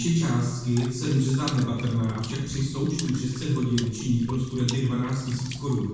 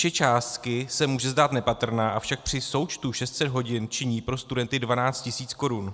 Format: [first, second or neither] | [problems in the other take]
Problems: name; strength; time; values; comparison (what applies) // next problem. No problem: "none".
second | background sound (Water / Splash, splatter); 16 dB below the speech // room echo; dies away in 1.1 s